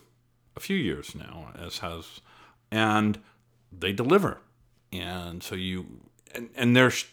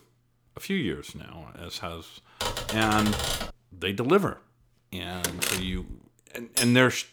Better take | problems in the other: first | keyboard typing; noticeable; from 2.5 to 3.5 s; peak 1 dB below the speech // door banging; loud; at 5 s; peak level with the speech // clattering dishes; noticeable; at 6.5 s; peak level with the speech

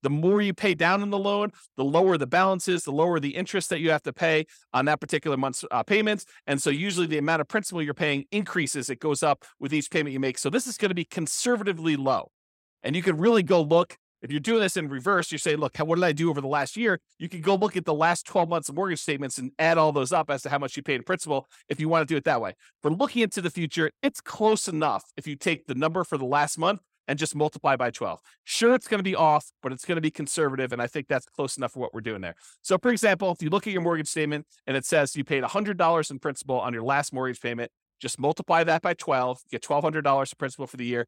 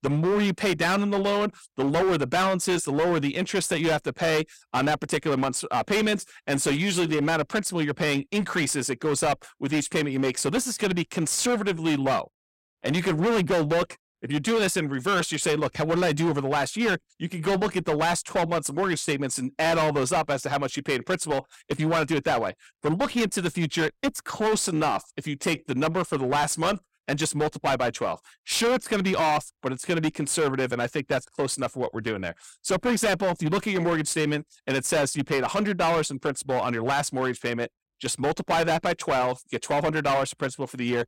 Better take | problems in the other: first | distortion; heavy; 16% of the sound clipped

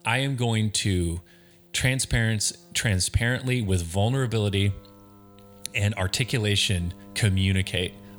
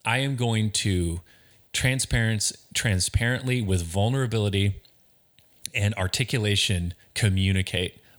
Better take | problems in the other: second | background music; faint; throughout; 25 dB below the speech

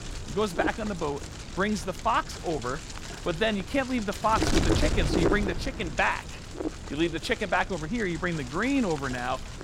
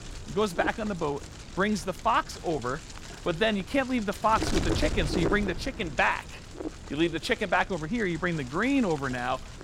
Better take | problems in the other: second | wind noise on the microphone; heavy; 8 dB below the speech; occasional gusts in the second

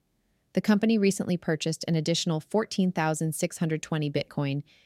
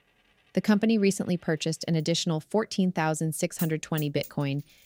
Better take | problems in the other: first | household noises; noticeable; throughout; 15 dB below the speech

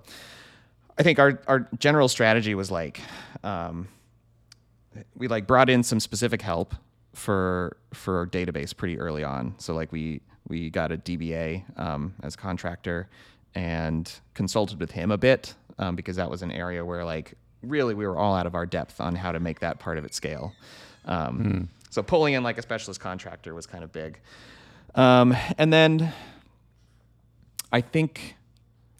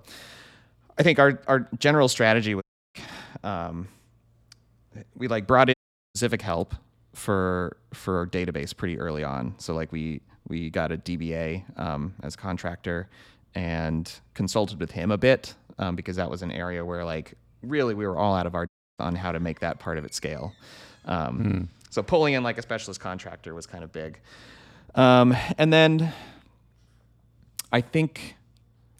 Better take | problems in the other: first | audio cutting out; at 2.5 s, at 5.5 s and at 19 s

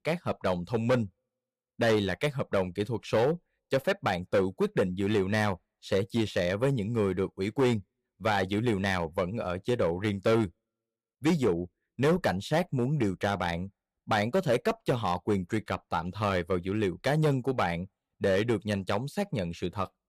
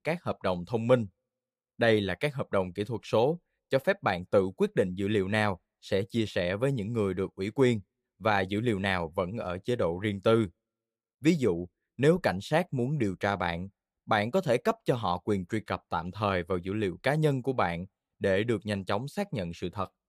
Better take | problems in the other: second | distortion; slight; 5% of the sound clipped

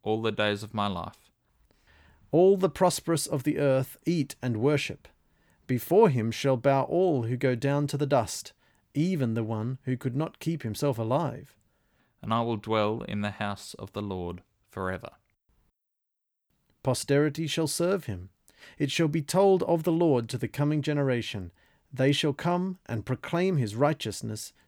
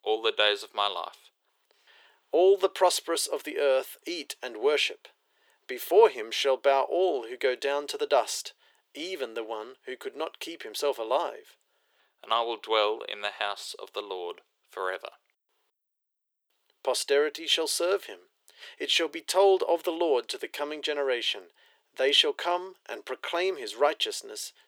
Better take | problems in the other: first | thin; very; fading below 400 Hz

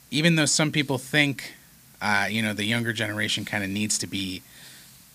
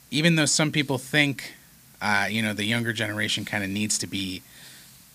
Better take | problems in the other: neither | hiss; faint; throughout; 25 dB below the speech; the same in both

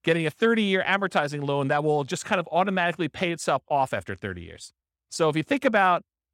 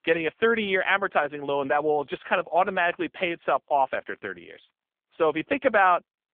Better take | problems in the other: first | phone-call audio; nothing above 3.5 kHz

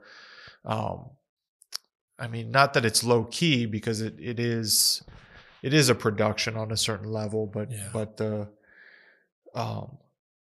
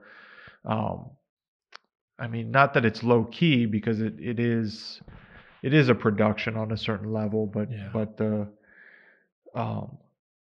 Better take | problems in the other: first | muffled; very; fading above 3 kHz

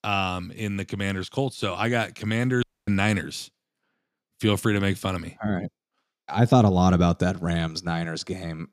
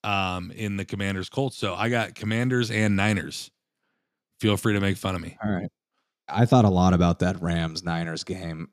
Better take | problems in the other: second | audio cutting out; at 2.5 s

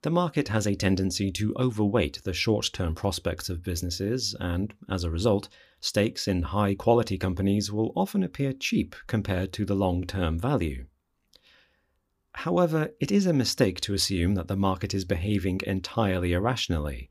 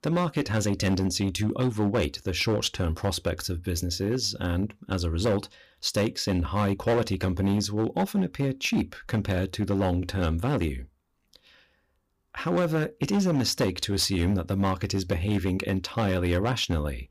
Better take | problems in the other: first | distortion; slight; 7% of the sound clipped

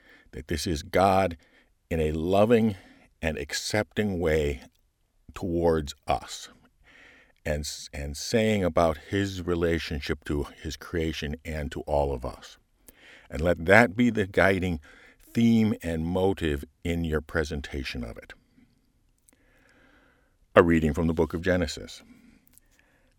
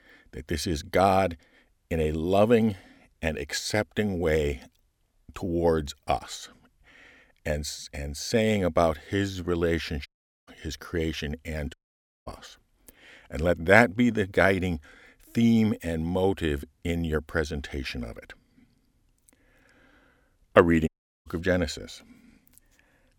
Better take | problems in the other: first | audio cutting out; at 10 s, at 12 s for 0.5 s and at 21 s

